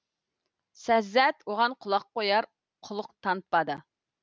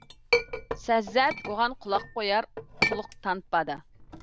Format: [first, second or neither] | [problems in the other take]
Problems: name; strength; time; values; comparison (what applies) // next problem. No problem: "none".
first | background sound (Chink, clink); 4 dB below the speech